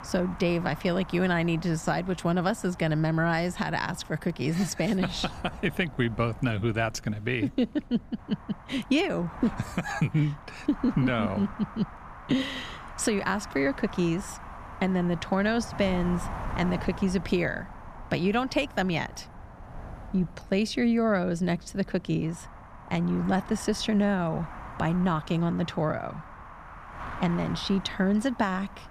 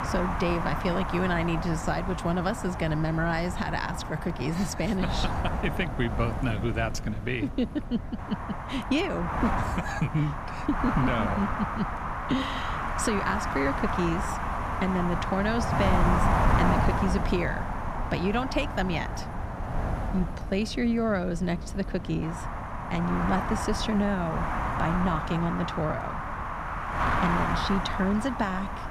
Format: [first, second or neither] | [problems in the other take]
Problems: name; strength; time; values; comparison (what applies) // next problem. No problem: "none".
first | wind noise on the microphone; heavy; 1 dB above the speech; occasional gusts in the first